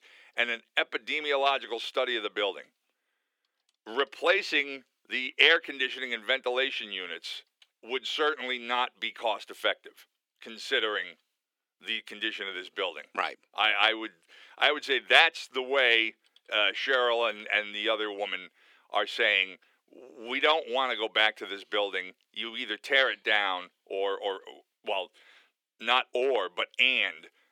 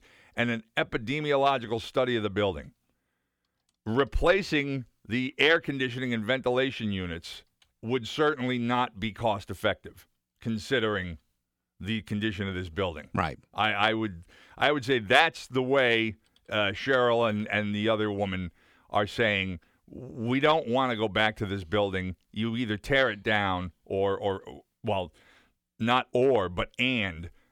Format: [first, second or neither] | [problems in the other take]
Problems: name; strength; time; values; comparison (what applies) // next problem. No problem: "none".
second | thin; very; fading below 350 Hz